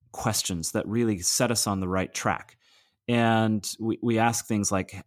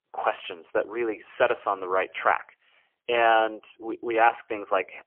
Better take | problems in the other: first | phone-call audio; poor line; nothing above 3 kHz

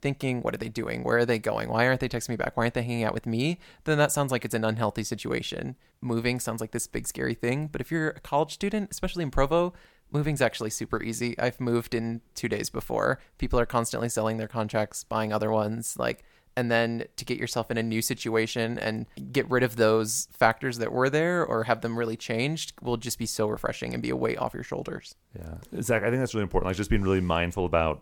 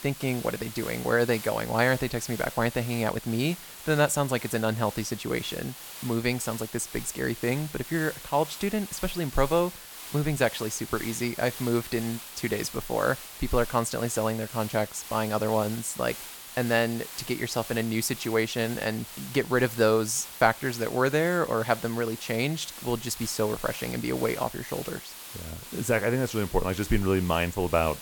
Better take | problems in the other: first | hiss; noticeable; throughout; 10 dB below the speech

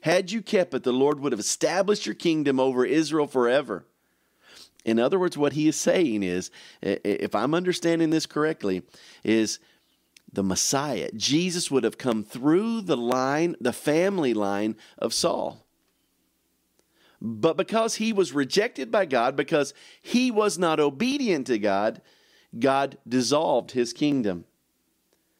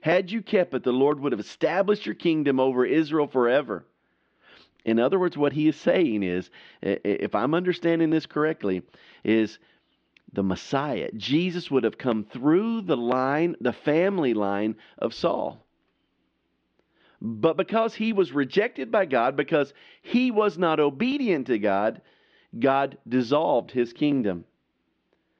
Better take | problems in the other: first | muffled; very; fading above 3.5 kHz

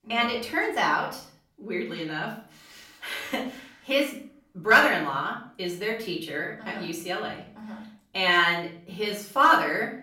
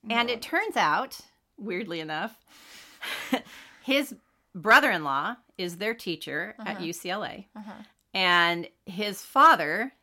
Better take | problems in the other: second | off-mic speech; far // room echo; slight; dies away in 0.5 s

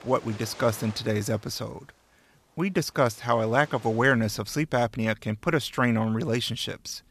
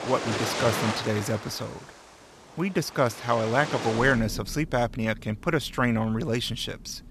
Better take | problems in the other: first | rain or running water; loud; throughout; 6 dB below the speech; faint in the first

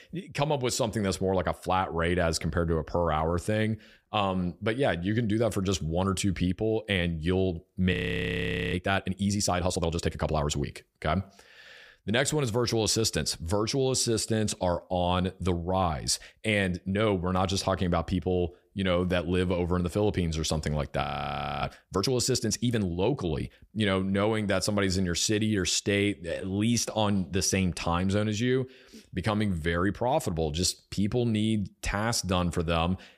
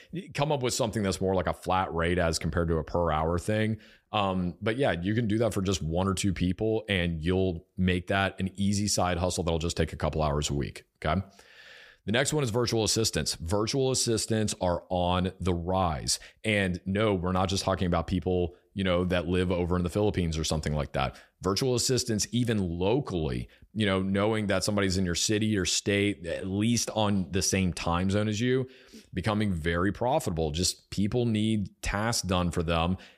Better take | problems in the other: second | audio freezing; at 8 s for 1 s and at 21 s for 0.5 s

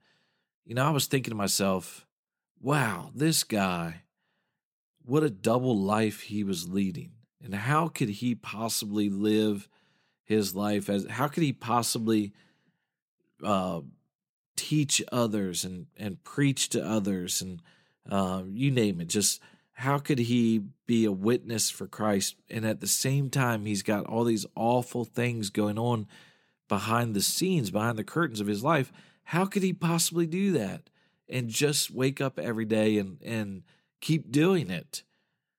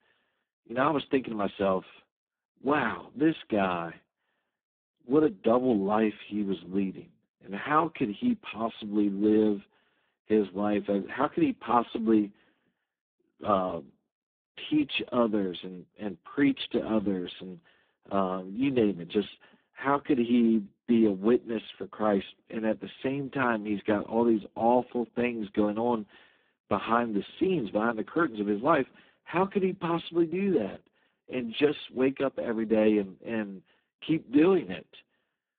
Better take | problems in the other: first | phone-call audio; poor line; nothing above 3.5 kHz

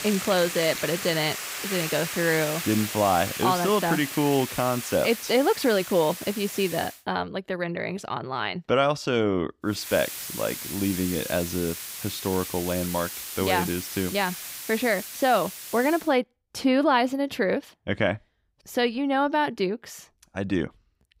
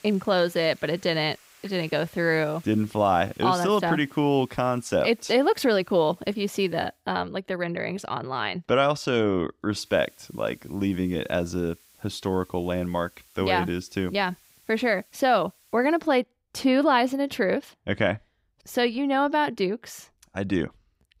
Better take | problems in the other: second | hiss; loud; until 7 s and from 10 to 16 s; 7 dB below the speech; faint in the second

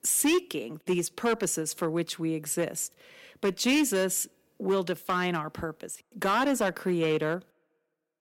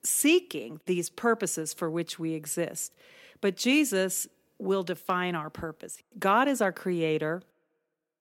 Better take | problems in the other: second | distortion; slight; 5% of the sound clipped

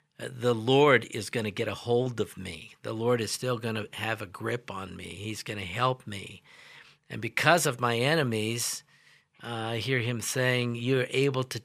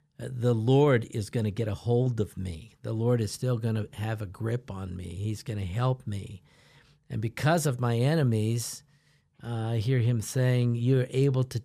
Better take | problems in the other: second | thin; somewhat; fading below 900 Hz

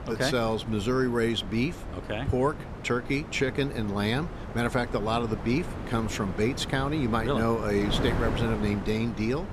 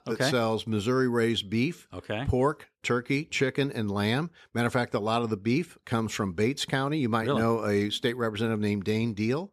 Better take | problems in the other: second | wind noise on the microphone; heavy; 10 dB below the speech

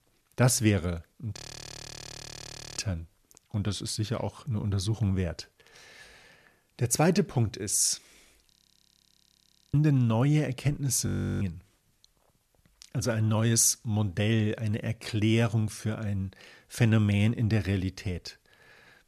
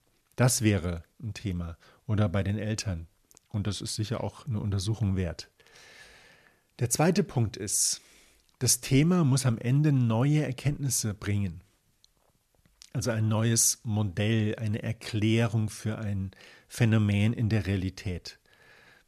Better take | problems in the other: second | audio freezing; at 1.5 s for 1.5 s, at 8.5 s for 1 s and at 11 s

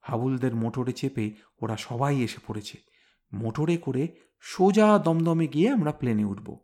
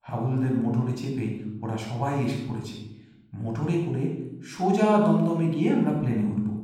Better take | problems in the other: first | off-mic speech; somewhat distant // room echo; noticeable; dies away in 0.8 s

